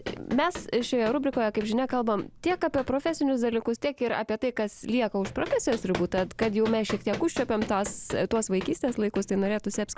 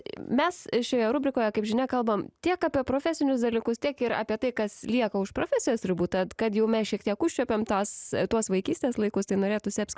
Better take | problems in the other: second | background sound (Run); 14 dB below the speech

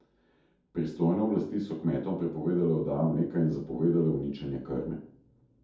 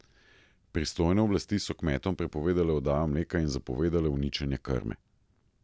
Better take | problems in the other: second | room echo; dies away in 0.6 s

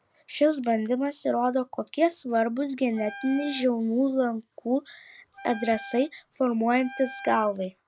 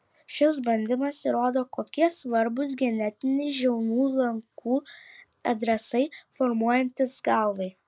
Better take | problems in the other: second | background sound (Wind instrument, woodwind instrument); 17 dB below the speech

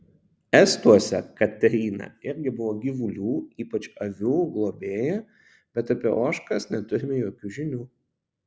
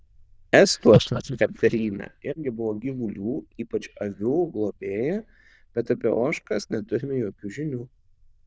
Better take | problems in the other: first | noise reduction (neural diffusion model UNIVERSE++)

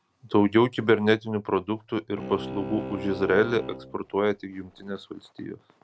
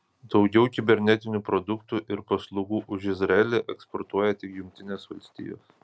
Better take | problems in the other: second | background sound (Bowed string instrument); 11 dB below the speech

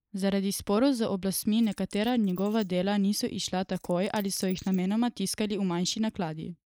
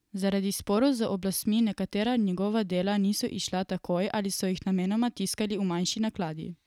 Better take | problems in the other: second | noise reduction (neural mask model Resemble Enhance denoiser)

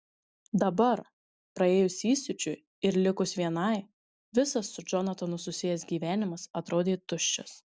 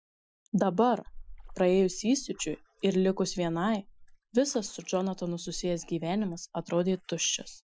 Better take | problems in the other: first | noise reduction (classical method Wiener filter)

